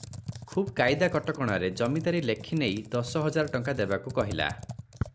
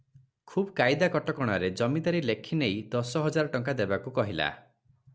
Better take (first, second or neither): second